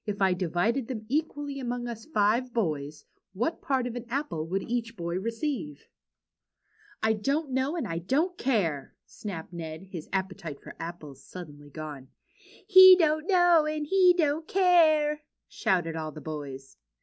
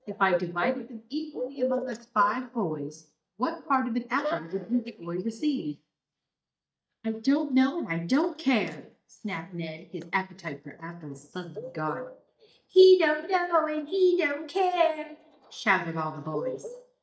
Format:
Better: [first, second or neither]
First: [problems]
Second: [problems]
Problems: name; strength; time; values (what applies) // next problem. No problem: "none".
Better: first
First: none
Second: noise reduction (neural mask model DeepFilterNet 3)